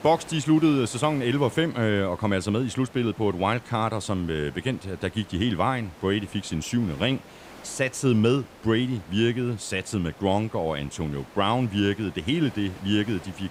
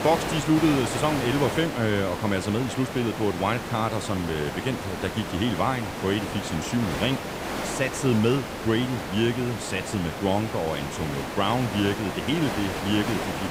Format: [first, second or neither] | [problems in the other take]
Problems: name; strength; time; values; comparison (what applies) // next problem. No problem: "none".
first | hiss; loud; throughout; 5 dB below the speech; faint in the first